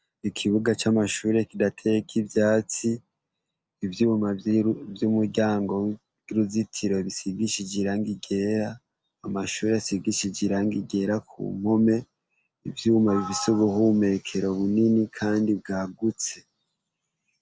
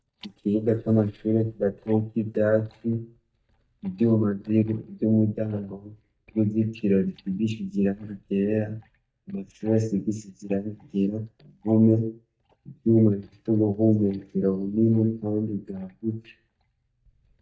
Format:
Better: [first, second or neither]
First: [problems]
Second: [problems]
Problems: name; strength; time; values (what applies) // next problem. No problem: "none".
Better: first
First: none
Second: noise reduction (neural mask model DeepFilterNet 3)